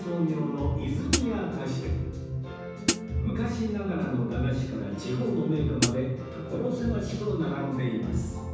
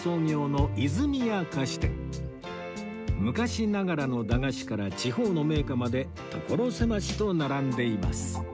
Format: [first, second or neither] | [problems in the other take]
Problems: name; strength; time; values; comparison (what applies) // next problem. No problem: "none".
second | background sound (Hi-hat); as loud as the speech // room echo; dies away in 1.1 s